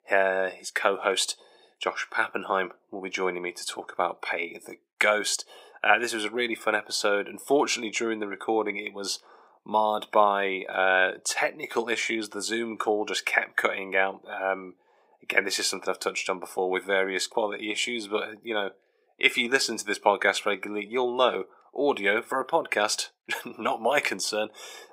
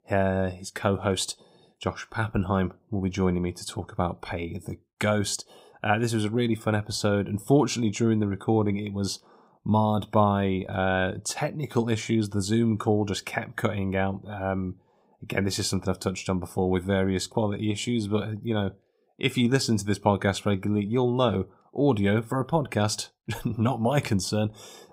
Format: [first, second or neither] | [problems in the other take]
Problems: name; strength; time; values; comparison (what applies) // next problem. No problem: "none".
second | thin; very; fading below 400 Hz